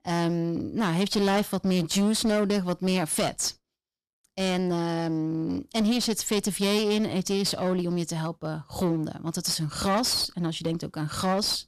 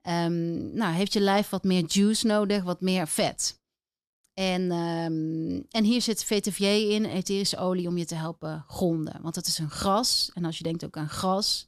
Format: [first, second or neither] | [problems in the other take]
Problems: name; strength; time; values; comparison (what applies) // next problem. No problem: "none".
second | distortion; slight; 14% of the sound clipped